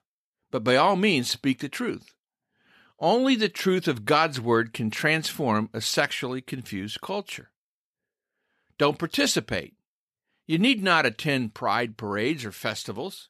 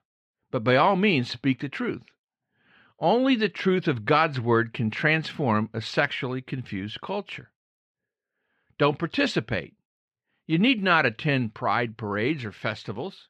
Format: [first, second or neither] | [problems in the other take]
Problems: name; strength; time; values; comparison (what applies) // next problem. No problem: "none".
first | muffled; slightly; fading above 2.5 kHz